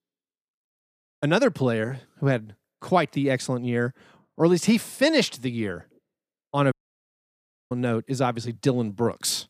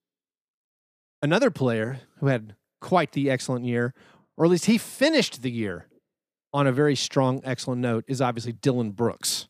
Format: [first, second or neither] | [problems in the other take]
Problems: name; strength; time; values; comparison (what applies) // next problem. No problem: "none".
second | audio cutting out; at 6.5 s for 1 s